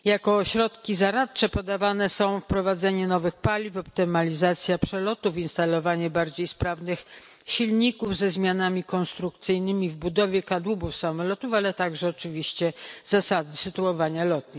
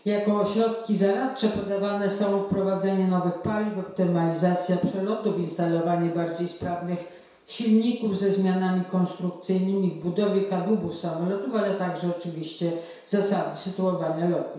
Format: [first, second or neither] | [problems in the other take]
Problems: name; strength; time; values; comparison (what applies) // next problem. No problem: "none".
first | room echo; dies away in 0.7 s